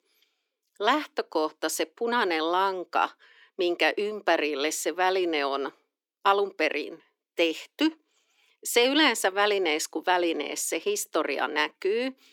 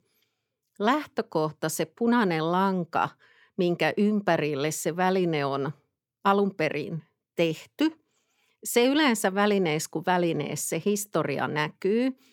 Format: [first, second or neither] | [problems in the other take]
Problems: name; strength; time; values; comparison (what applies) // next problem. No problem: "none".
second | thin; somewhat; fading below 300 Hz